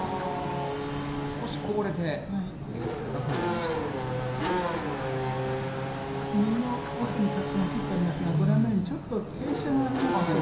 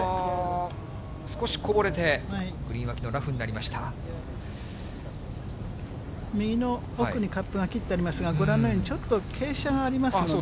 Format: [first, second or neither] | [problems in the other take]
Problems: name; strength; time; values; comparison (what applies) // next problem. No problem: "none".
second | background sound (Race car, auto racing / Accelerating, revving, vroom); 3 dB below the speech // room echo; dies away in 0.7 s